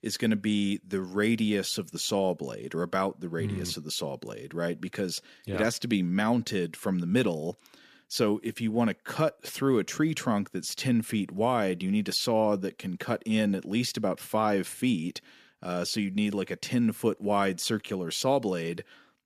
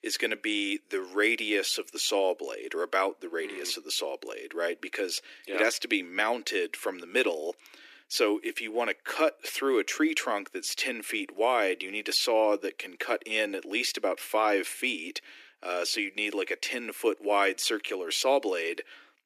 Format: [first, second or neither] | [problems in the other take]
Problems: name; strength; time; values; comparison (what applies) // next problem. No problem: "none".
first | thin; very; fading below 300 Hz